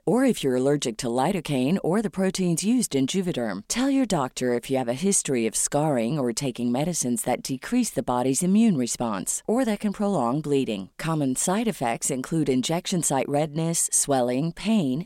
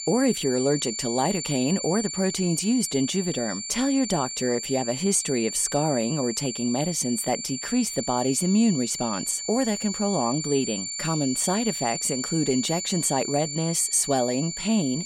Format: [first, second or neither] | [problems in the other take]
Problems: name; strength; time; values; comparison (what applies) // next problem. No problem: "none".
first | high-pitched whine; loud; throughout; 7 kHz, 5 dB below the speech